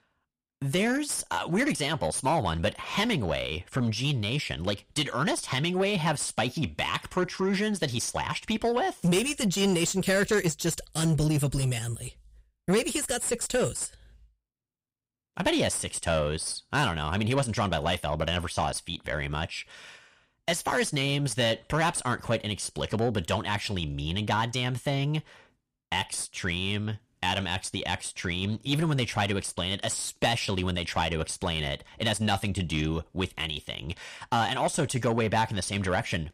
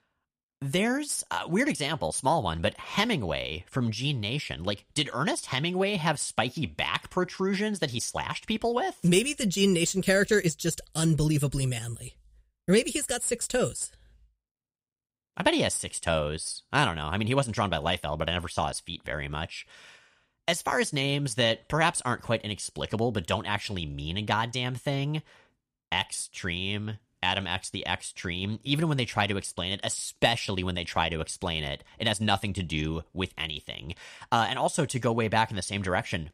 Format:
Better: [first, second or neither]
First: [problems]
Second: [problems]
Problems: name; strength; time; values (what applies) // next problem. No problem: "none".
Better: second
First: distortion; slight; 10 dB below the speech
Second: none